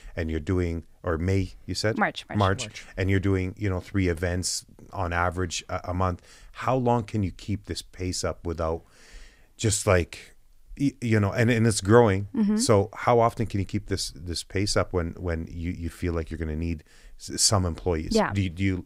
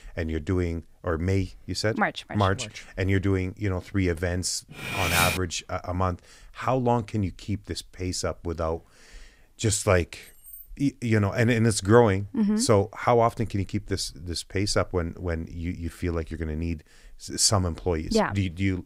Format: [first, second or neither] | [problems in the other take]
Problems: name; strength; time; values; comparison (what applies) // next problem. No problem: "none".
first | clattering dishes; loud; at 5 s; peak 3 dB above the speech // jangling keys; faint; at 10 s; peak 15 dB below the speech